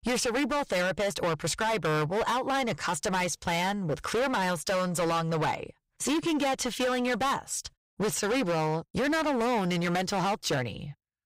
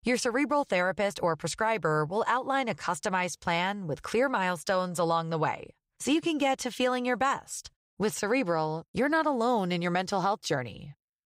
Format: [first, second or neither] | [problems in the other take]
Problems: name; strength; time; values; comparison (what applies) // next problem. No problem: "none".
second | distortion; heavy; 24% of the sound clipped